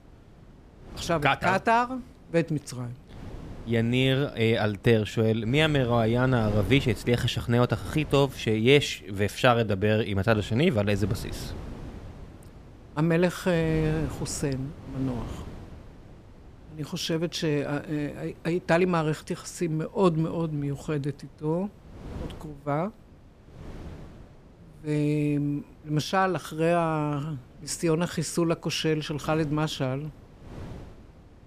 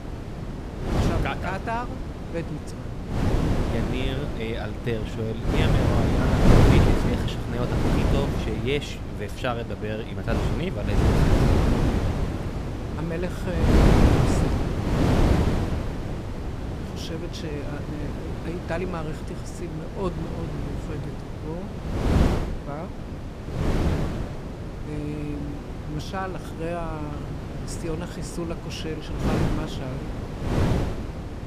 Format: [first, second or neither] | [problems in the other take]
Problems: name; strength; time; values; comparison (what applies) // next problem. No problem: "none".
first | wind noise on the microphone; heavy; 2 dB above the speech; occasional gusts in the first